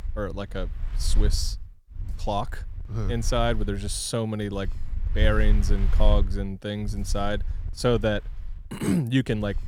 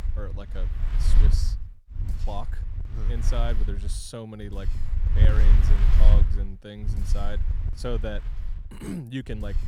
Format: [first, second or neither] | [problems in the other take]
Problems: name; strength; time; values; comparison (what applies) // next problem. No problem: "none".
first | wind noise on the microphone; heavy; 4 dB below the speech; occasional gusts in the first